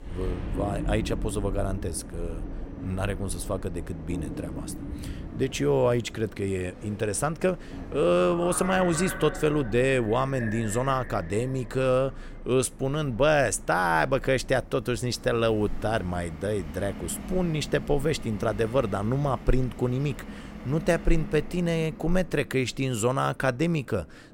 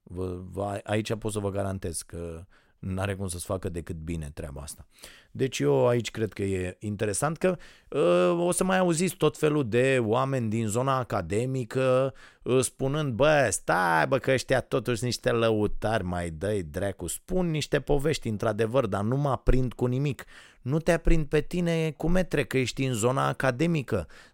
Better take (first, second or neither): second